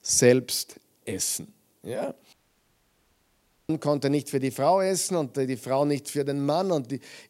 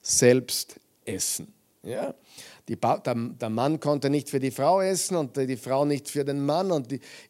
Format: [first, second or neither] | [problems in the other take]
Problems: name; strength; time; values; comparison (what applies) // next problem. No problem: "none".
second | audio cutting out; at 2.5 s for 1.5 s